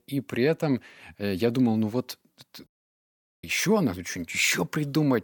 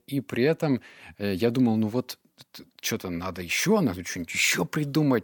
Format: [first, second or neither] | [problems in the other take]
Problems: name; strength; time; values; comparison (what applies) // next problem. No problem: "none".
second | audio cutting out; at 2.5 s for 1 s